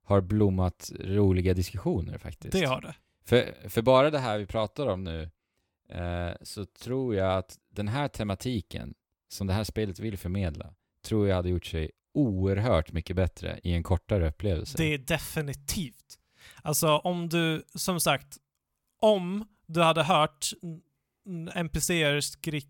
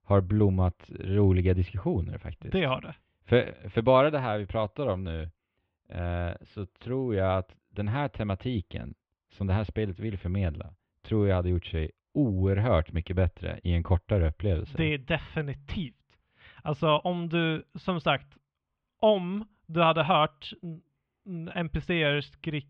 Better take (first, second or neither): first